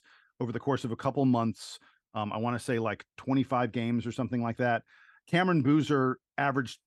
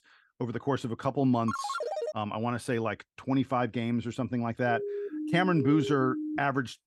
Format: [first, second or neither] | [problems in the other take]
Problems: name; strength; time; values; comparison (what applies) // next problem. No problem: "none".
first | phone ringing; noticeable; at 1.5 s; peak 4 dB below the speech // siren; noticeable; from 4.5 s on; peak 5 dB below the speech